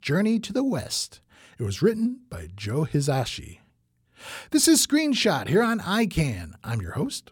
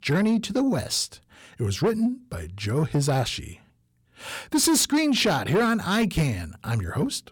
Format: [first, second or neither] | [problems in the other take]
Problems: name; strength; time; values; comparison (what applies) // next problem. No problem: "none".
first | distortion; slight; 10 dB below the speech